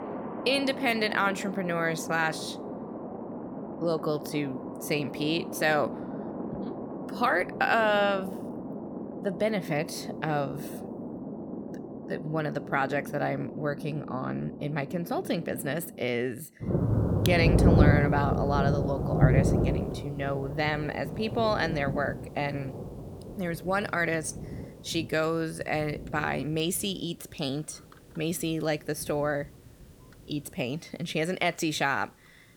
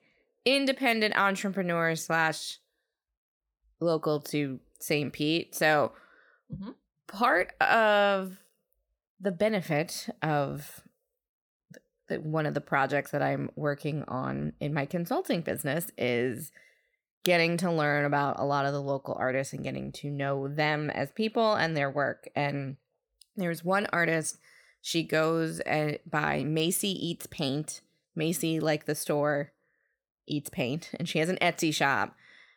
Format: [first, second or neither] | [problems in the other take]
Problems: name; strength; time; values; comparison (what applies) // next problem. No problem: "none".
second | rain or running water; loud; throughout; 3 dB below the speech